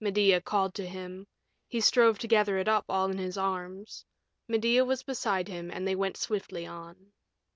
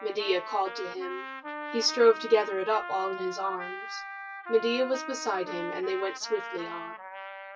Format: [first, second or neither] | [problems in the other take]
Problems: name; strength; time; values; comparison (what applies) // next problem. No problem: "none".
first | noise reduction (classical method WPE with log-MMSE)